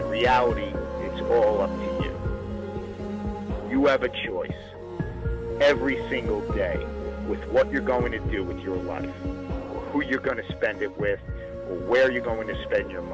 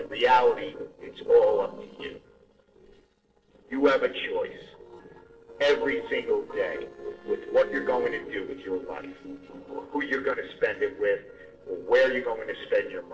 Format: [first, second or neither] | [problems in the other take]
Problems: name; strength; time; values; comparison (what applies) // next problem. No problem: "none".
first | noise reduction (neural separator model SepFormer DNS4)